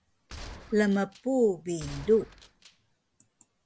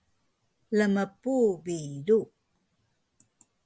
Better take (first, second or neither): second